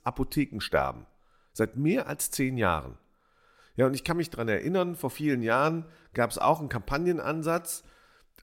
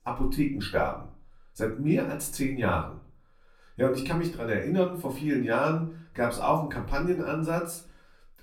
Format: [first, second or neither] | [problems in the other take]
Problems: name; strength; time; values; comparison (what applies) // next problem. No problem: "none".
first | off-mic speech; far // room echo; very slight; dies away in 0.3 s